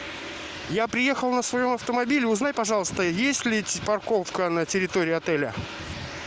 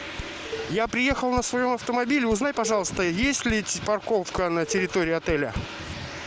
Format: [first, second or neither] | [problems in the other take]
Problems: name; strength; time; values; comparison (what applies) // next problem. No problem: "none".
first | background sound (Dishes, pots, and pans); 13 dB below the speech